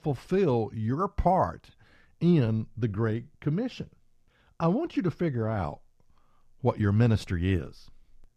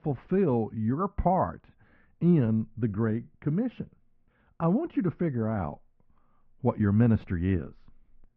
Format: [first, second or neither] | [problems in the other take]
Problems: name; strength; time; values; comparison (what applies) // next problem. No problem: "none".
first | muffled; very; fading above 2 kHz